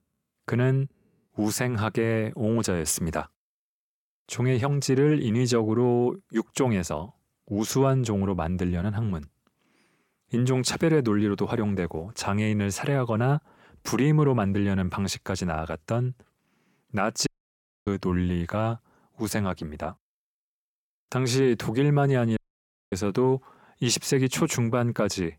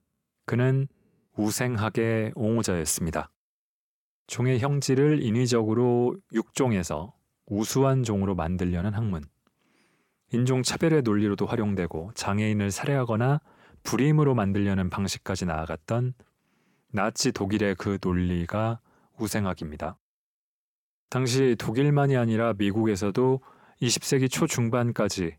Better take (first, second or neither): second